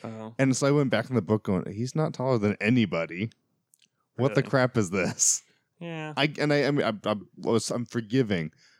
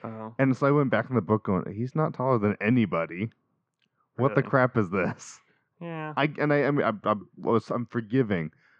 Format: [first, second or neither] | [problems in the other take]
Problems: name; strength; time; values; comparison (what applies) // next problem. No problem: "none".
first | muffled; very; fading above 2 kHz